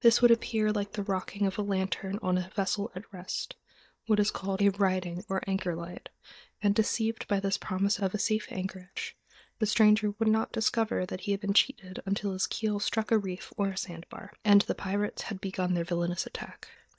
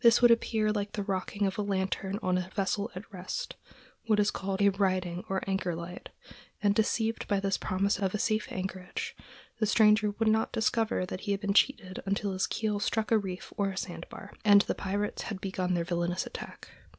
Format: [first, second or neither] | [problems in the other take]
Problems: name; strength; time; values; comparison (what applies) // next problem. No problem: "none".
second | noise reduction (neural mask model DeepFilterNet 3)